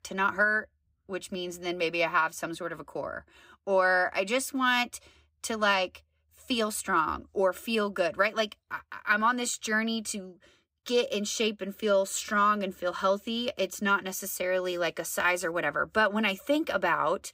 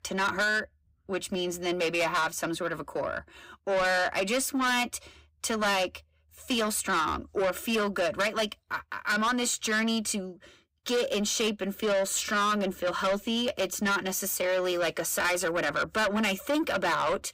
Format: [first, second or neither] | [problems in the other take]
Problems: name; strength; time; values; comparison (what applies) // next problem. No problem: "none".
first | distortion; heavy; 7 dB below the speech